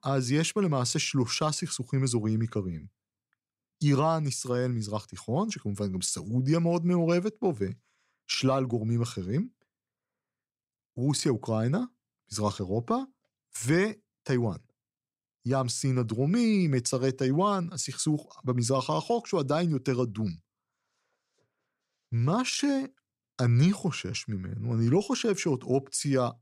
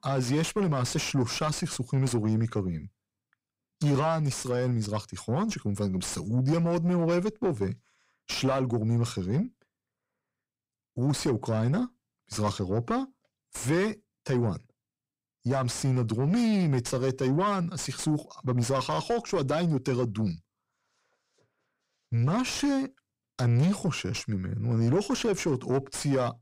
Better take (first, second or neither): first